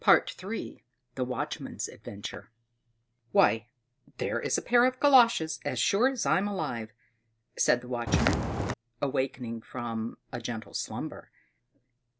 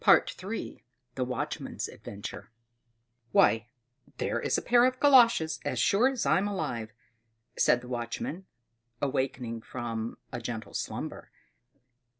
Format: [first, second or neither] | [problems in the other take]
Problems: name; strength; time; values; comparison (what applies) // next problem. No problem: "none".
second | background sound (Walk, footsteps); 3 dB above the speech